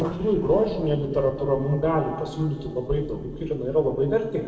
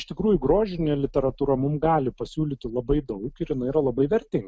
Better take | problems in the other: second | noise reduction (neural separator model SepFormer DNS4)

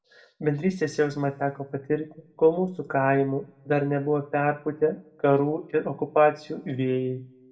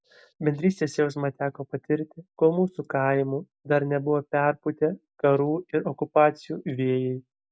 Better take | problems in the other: second | room echo; dies away in 0.4 s

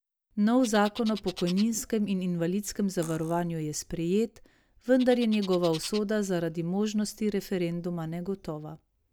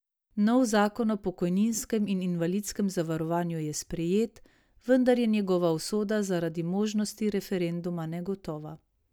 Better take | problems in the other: second | background sound (Bird + Cutlery, silverware); 19 dB below the speech

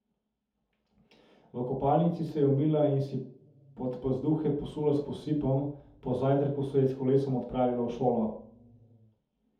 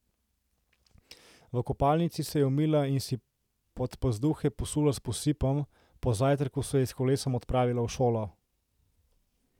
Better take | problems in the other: second | room echo; dies away in 0.6 s

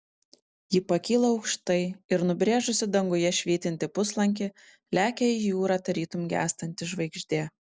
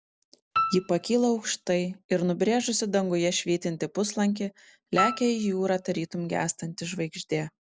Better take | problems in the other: first | background sound (Piano); 6 dB below the speech

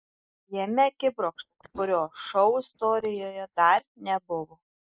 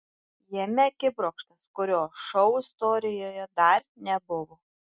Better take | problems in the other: second | noise reduction (neural mask model Resemble Enhance denoiser)

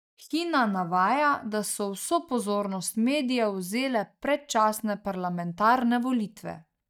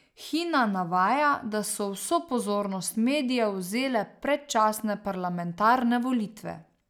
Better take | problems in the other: second | noise reduction (neural mask model DeepFilterNet 3)

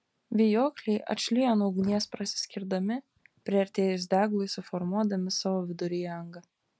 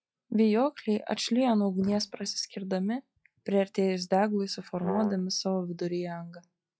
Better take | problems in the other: first | noise reduction (classical method log-MMSE)

